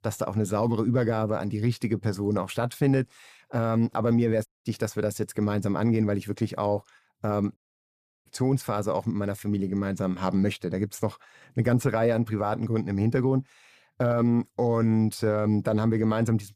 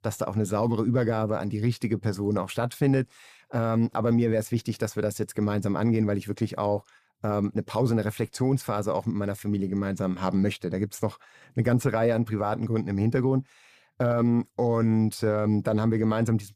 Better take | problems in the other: second | audio cutting out; at 4.5 s and at 7.5 s for 0.5 s

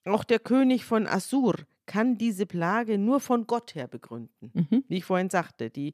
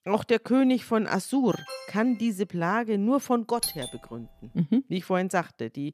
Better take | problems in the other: first | alarm; faint; at 1.5 s; peak 15 dB below the speech // doorbell; noticeable; at 3.5 s; peak 4 dB below the speech

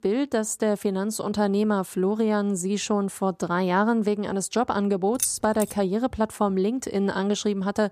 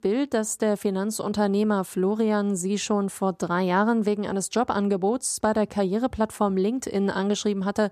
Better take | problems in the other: second | jangling keys; noticeable; at 5 s; peak 3 dB below the speech

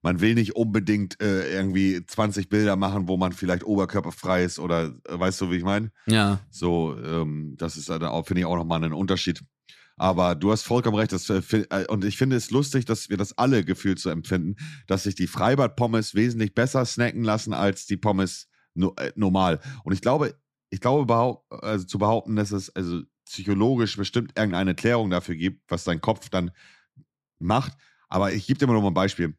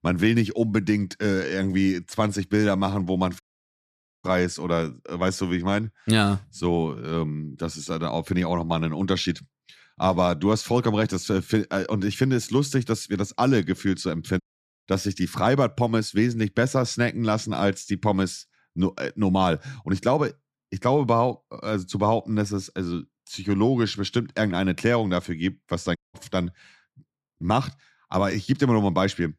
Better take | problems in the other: first | audio cutting out; at 3.5 s for 1 s, at 14 s and at 26 s

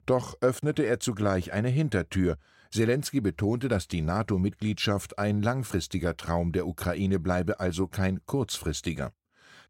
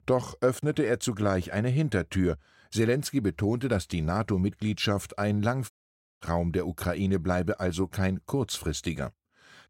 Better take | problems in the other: first | audio cutting out; at 5.5 s for 0.5 s

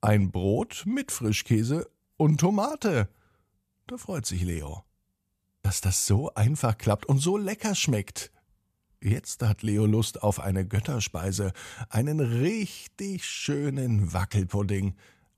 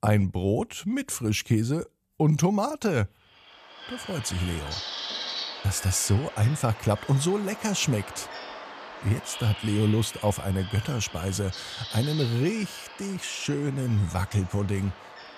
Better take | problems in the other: first | animal sounds; noticeable; from 4 s on; 10 dB below the speech

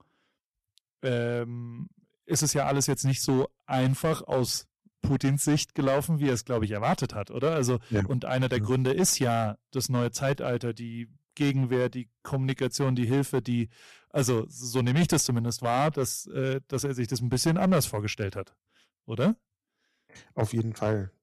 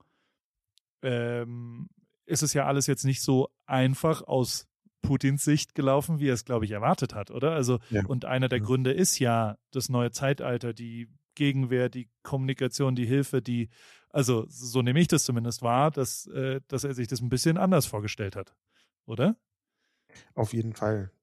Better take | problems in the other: second | distortion; slight; 4% of the sound clipped

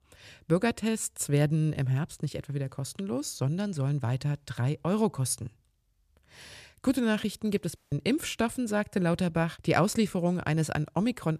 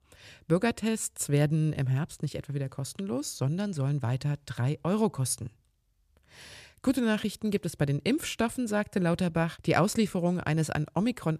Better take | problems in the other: second | audio cutting out; at 8 s

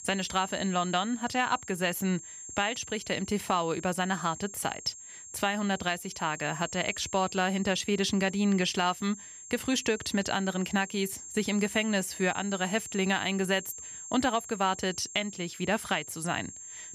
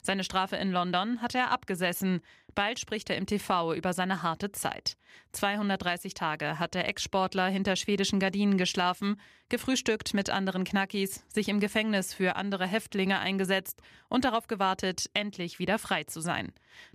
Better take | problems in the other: second | high-pitched whine; noticeable; throughout; 7.5 kHz, 10 dB below the speech

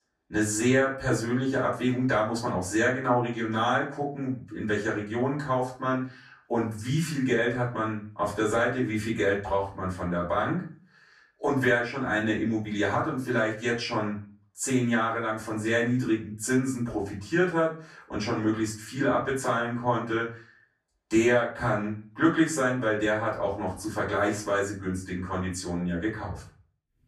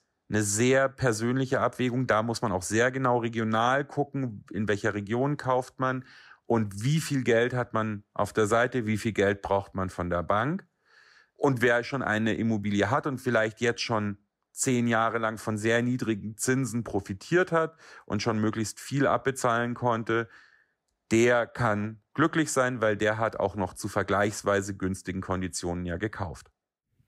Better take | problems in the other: second | off-mic speech; far // room echo; slight; dies away in 0.3 s

